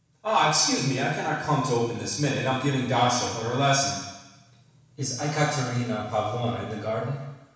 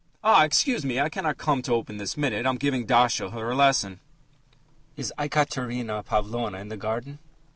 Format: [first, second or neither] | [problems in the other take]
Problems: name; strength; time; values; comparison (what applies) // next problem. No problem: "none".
second | room echo; dies away in 1.1 s